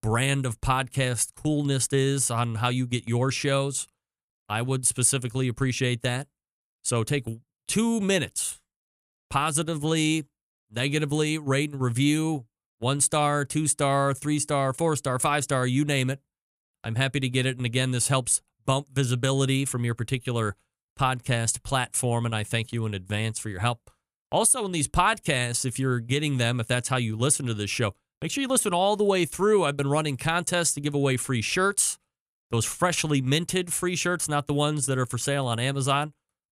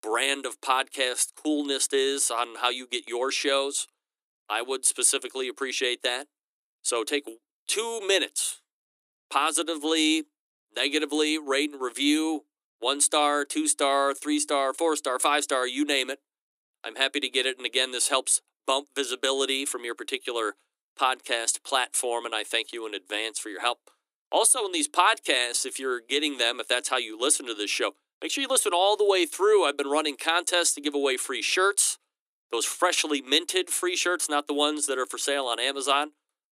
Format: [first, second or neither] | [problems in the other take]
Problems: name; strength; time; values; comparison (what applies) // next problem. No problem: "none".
first | thin; somewhat; fading below 300 Hz